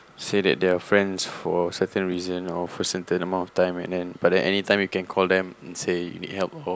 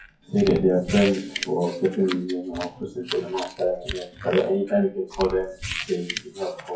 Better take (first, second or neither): first